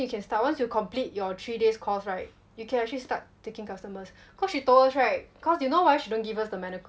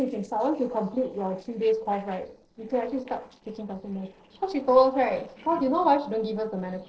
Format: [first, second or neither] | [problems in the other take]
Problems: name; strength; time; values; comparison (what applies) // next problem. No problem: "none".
first | noise reduction (neural separator model SepFormer DNS4)